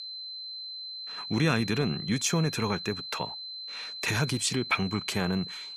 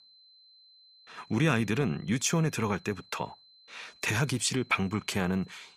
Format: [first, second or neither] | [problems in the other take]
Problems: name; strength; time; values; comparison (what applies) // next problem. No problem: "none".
second | high-pitched whine; loud; throughout; 4 kHz, 8 dB below the speech; faint in the second